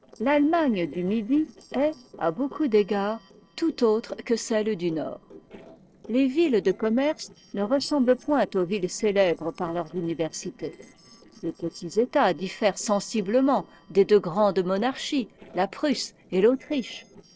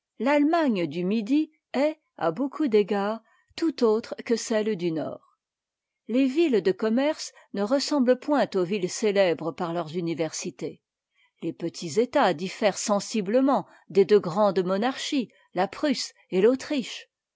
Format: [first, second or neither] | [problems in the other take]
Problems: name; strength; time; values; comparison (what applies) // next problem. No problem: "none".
second | noise reduction (neural separator model SepFormer DNS4)